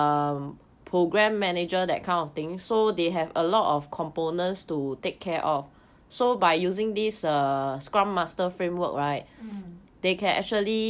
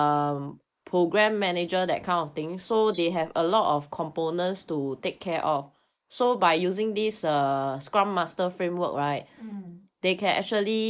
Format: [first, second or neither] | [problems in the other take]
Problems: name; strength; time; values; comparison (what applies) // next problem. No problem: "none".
first | noise reduction (neural mask model Resemble Enhance denoiser)